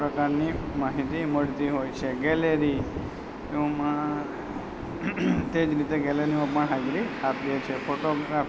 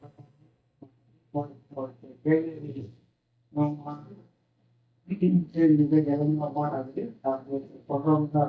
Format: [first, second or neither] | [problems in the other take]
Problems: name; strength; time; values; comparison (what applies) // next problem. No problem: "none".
first | noise reduction (neural mask model DeepFilterNet 3)